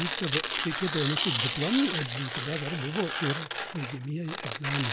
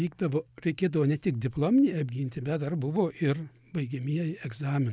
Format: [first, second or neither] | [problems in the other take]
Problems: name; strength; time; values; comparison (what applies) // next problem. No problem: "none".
second | background sound (Tearing); 1 dB below the speech